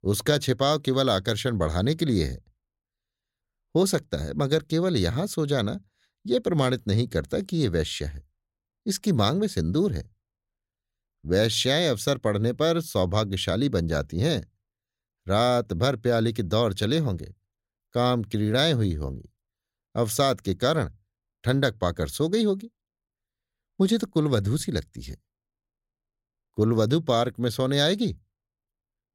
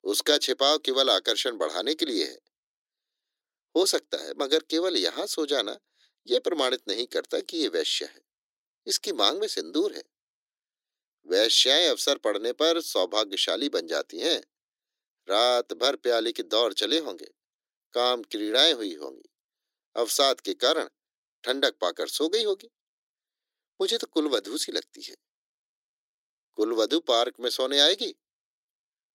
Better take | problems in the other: first | thin; very; fading below 300 Hz

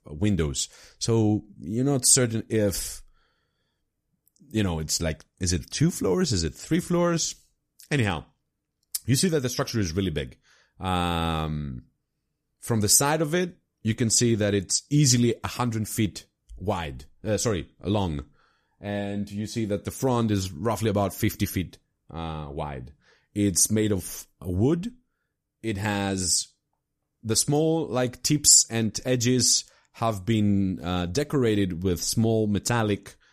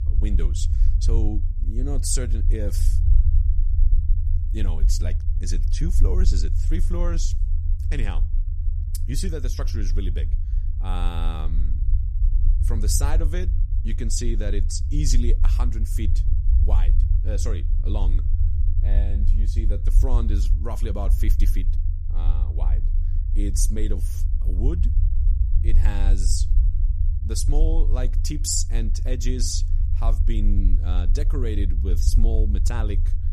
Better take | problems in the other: first | low rumble; loud; throughout; 10 dB below the speech

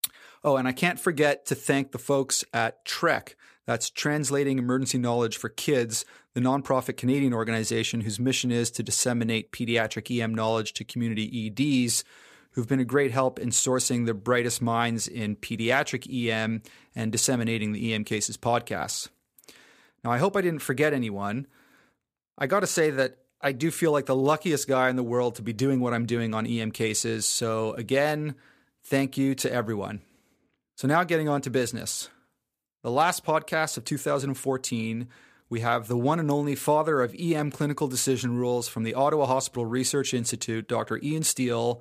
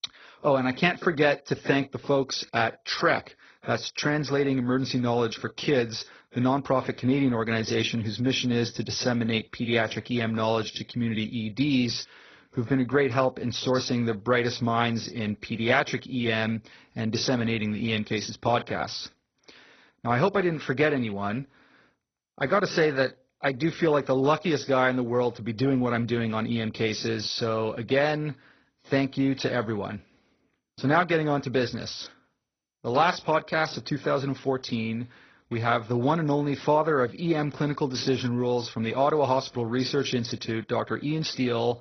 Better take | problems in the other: first | garbled, watery; badly; nothing above 6 kHz

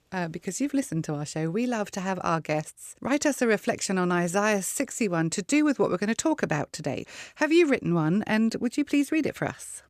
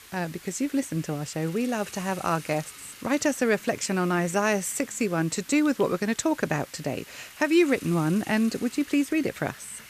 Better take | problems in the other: first | hiss; noticeable; throughout; 20 dB below the speech

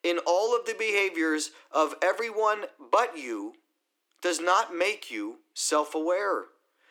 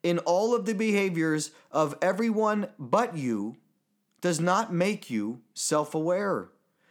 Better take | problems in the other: second | thin; very; fading below 300 Hz

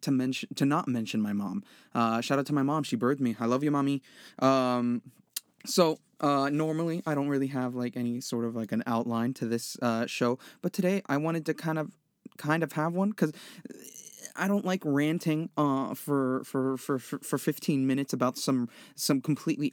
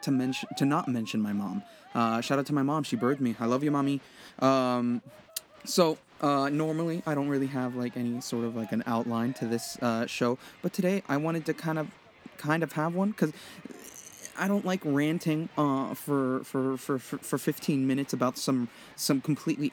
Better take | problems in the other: first | crowd noise; faint; throughout; 20 dB below the speech

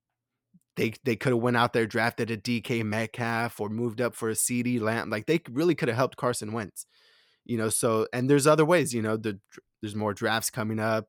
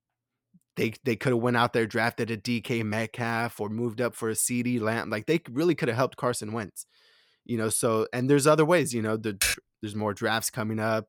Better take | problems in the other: first | keyboard typing; loud; at 9.5 s; peak 1 dB above the speech

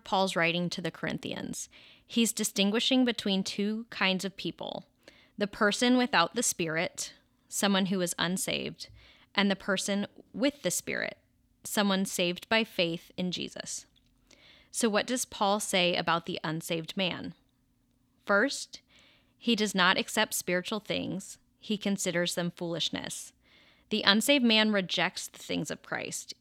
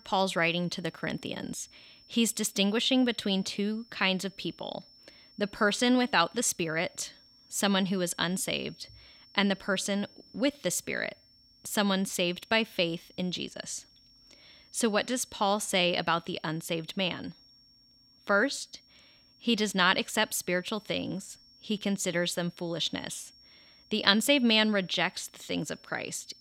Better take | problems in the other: first | high-pitched whine; faint; throughout; 5.5 kHz, 25 dB below the speech

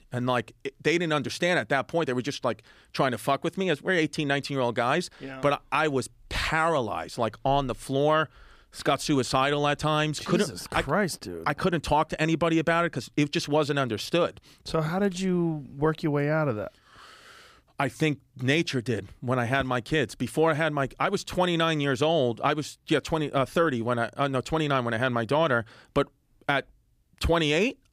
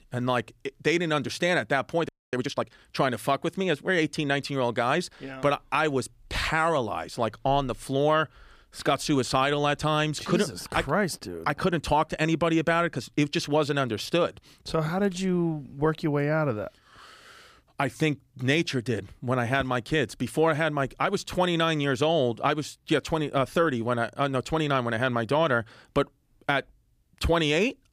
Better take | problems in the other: first | audio freezing; at 2 s

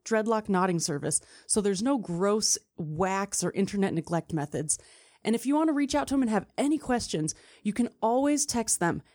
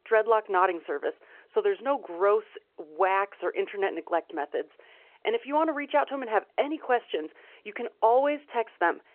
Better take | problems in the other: first | phone-call audio

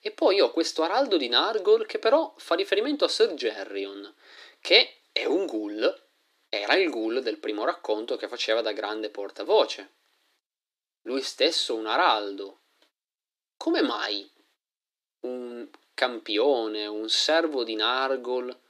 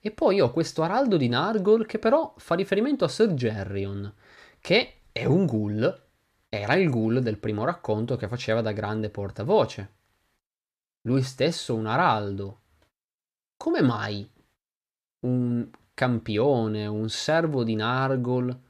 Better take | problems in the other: second | thin; somewhat; fading below 300 Hz

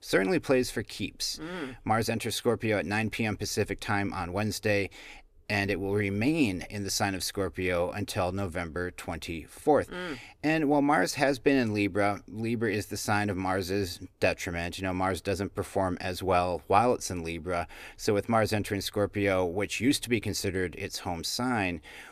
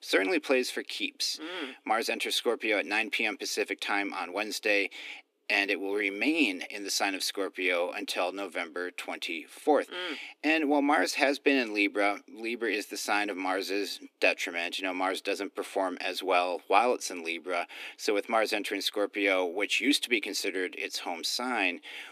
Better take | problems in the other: first | thin; very slightly; fading below 300 Hz

